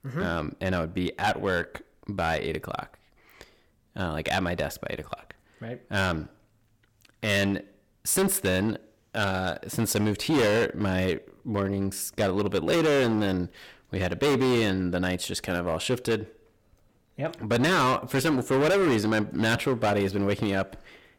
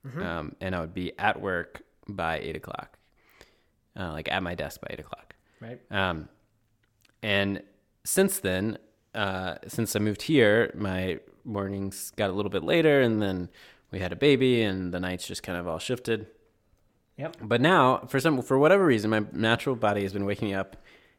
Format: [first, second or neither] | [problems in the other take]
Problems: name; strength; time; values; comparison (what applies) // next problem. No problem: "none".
second | distortion; heavy; 10% of the sound clipped